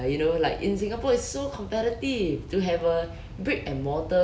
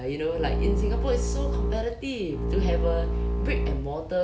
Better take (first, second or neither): first